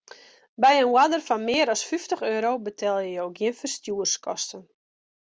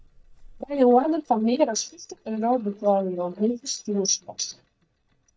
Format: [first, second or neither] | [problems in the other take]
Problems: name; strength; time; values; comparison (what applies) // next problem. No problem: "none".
first | noise reduction (neural mask model DeepFilterNet 3)